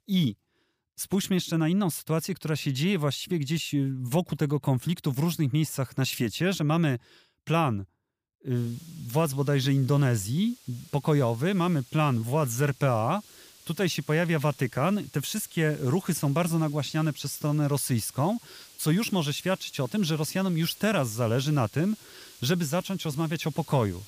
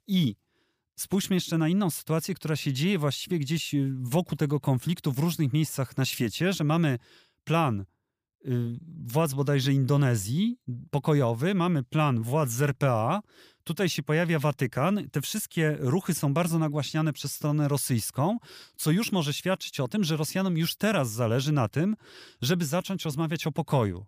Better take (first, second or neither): second